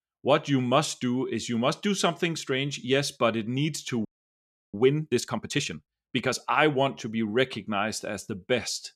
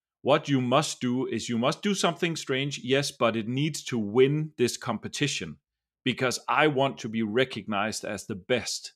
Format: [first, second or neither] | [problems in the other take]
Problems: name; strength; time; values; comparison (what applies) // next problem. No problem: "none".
second | audio freezing; at 4 s for 0.5 s